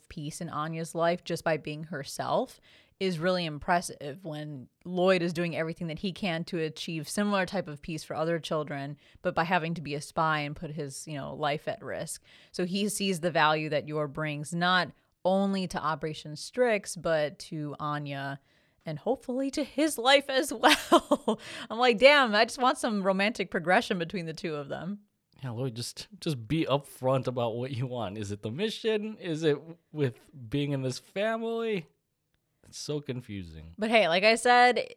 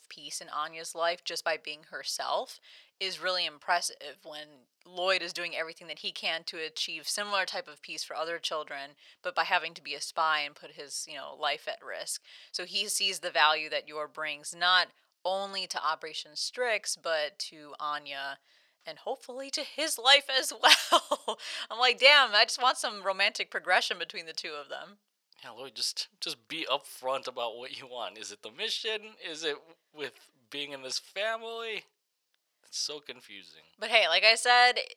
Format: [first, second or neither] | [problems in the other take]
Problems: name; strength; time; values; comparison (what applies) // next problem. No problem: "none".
first | thin; very; fading below 750 Hz